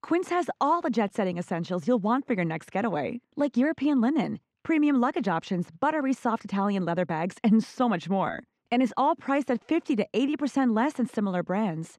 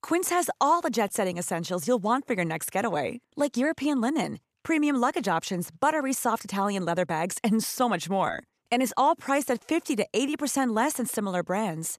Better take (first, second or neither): second